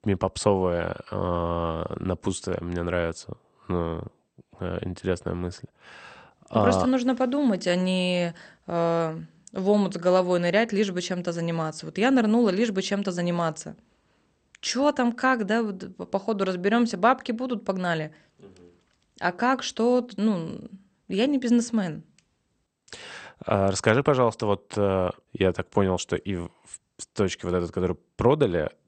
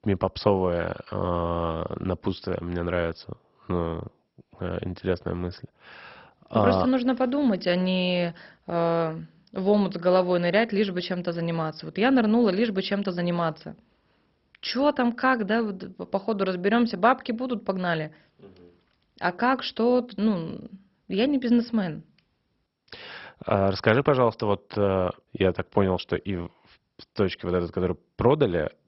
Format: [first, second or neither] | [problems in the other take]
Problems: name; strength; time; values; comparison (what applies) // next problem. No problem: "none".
first | garbled, watery; badly; nothing above 5.5 kHz; slightly in the first